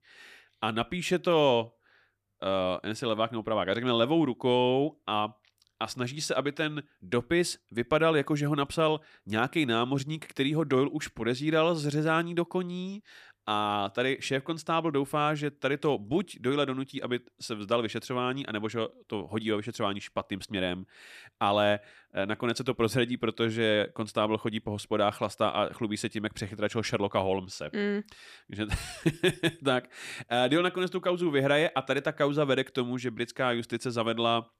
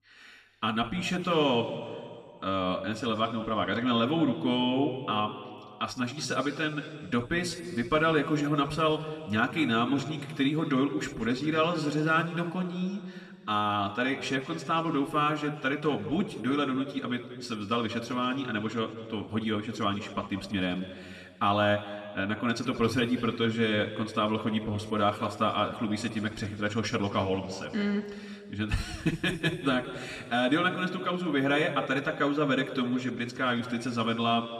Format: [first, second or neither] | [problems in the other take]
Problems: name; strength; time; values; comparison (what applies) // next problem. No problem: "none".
first | room echo; slight; dies away in 2 s // off-mic speech; somewhat distant